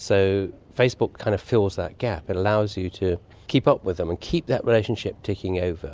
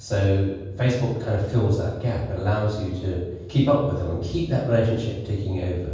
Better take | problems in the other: first | room echo; dies away in 1.2 s

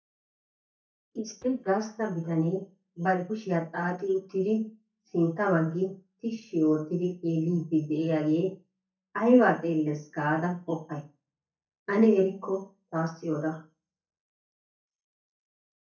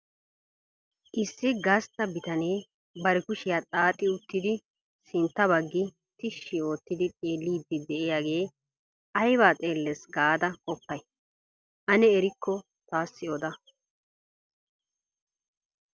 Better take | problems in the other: second | noise reduction (neural mask model DeepFilterNet 3)

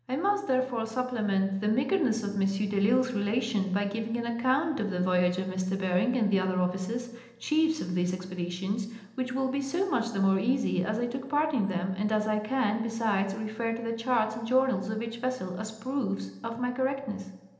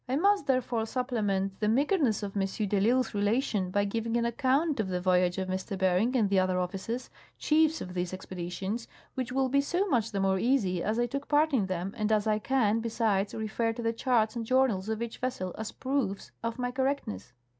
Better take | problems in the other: second | room echo; dies away in 0.9 s

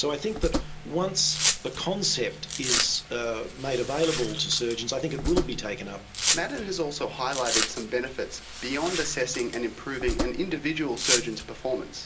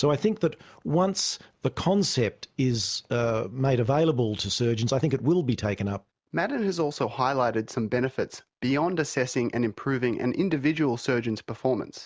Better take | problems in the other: second | background sound (Domestic sounds, home sounds); 3 dB below the speech // room echo; dies away in 0.2 s

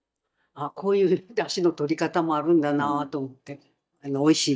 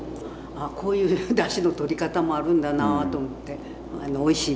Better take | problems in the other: second | noise reduction (neural mask model DeepFilterNet 3)

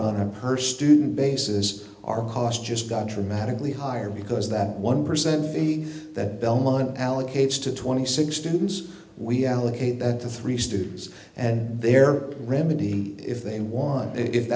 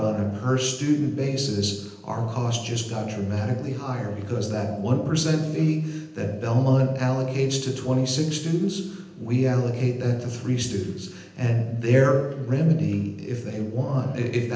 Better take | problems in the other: first | room echo; dies away in 0.8 s

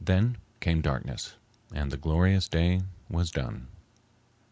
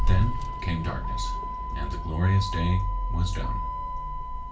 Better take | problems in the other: first | background sound (Motor vehicle (road)); 1 dB above the speech // room echo; dies away in 0.3 s

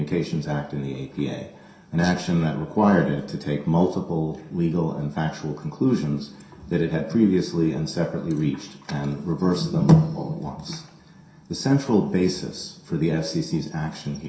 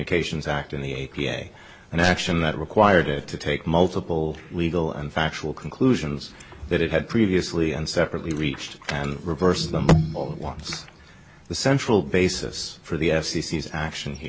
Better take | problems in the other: second | room echo; dies away in 0.7 s

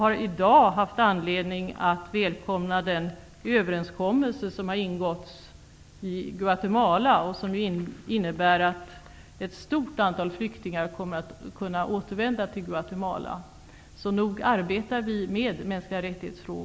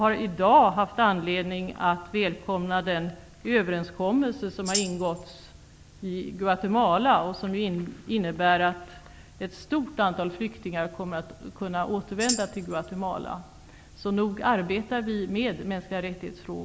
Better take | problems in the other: first | background sound (Tambourine); 9 dB below the speech

